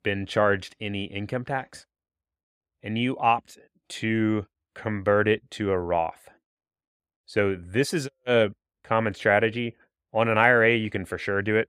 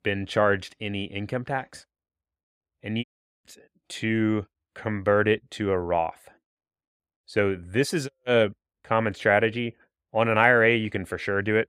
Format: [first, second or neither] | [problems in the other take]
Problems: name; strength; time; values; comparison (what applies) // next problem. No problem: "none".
first | audio cutting out; at 3 s